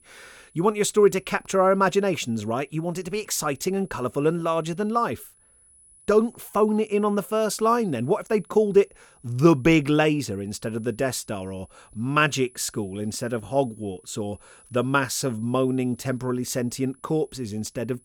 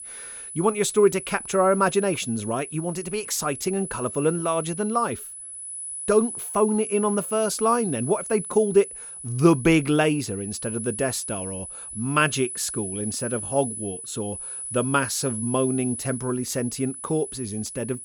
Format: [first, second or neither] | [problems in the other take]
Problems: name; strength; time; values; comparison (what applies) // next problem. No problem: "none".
first | high-pitched whine; loud; throughout; 10 kHz, 8 dB below the speech; faint in the first